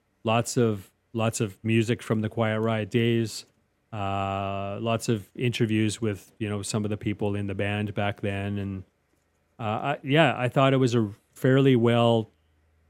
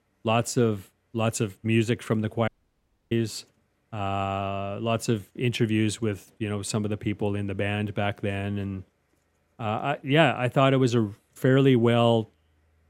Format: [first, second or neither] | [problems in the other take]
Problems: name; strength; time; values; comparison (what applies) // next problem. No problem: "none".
first | audio cutting out; at 2.5 s for 0.5 s